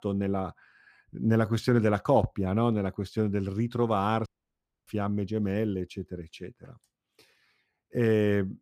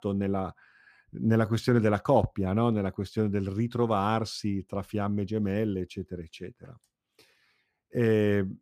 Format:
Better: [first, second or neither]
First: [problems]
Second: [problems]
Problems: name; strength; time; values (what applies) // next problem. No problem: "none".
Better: second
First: audio cutting out; at 4.5 s for 0.5 s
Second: none